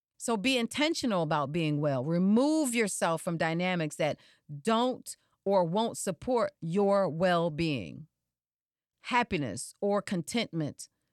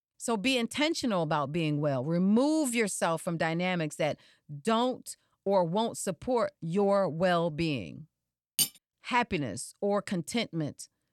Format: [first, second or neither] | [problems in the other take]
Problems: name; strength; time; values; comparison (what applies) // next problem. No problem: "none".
first | clattering dishes; loud; at 8.5 s; peak 1 dB above the speech